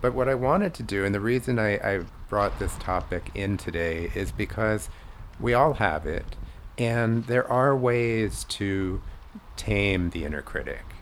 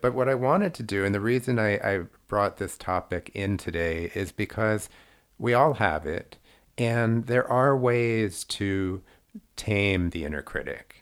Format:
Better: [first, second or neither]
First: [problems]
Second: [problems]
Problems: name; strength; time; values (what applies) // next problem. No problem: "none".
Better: second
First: wind noise on the microphone; occasional gusts; 25 dB below the speech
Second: none